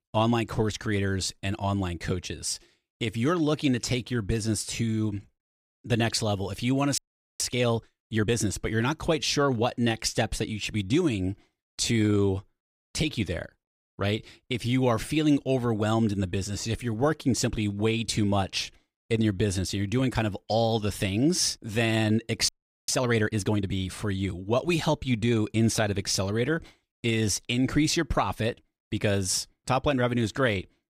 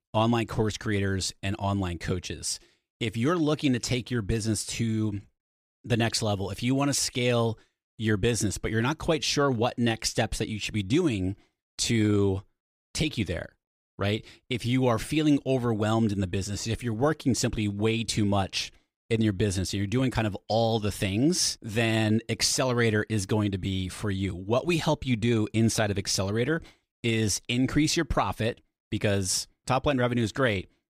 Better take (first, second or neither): second